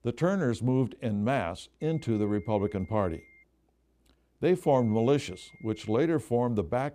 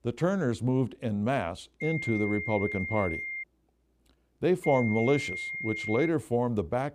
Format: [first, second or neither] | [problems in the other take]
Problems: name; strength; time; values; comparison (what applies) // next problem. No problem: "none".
first | high-pitched whine; loud; from 2 to 3.5 s and from 4.5 to 6 s; 2 kHz, 5 dB below the speech; faint in the first